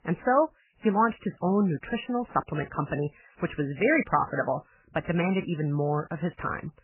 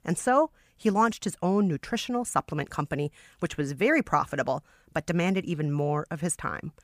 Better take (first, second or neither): second